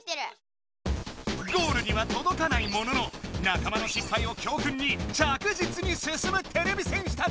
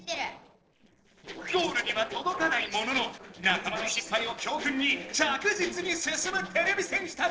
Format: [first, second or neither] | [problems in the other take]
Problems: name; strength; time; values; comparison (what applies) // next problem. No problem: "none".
first | noise reduction (neural separator model SepFormer DNS4)